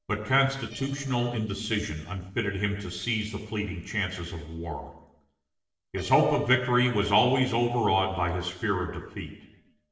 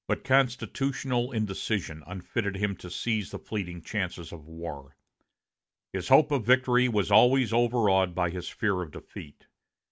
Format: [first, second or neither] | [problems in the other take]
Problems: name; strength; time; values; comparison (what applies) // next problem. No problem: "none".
second | noise reduction (neural separator model SepFormer DNS4)